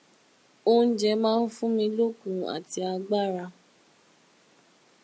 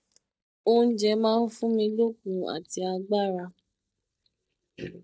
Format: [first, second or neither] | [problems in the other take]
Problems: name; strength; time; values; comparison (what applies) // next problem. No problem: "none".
first | noise reduction (neural mask model DeepFilterNet 3)